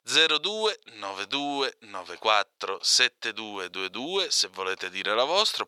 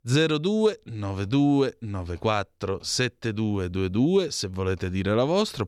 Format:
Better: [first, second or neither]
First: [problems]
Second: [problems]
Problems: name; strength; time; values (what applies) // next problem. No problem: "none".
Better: second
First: thin; very; fading below 800 Hz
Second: none